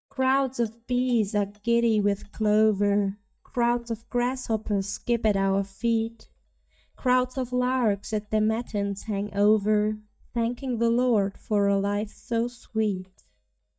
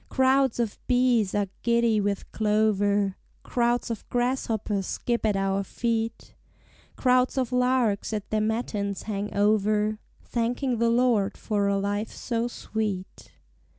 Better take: second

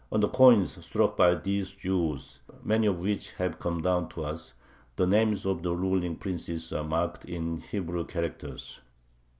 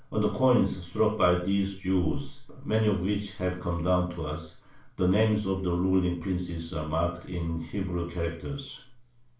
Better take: first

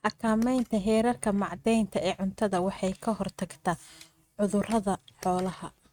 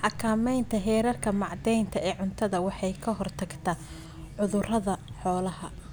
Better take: second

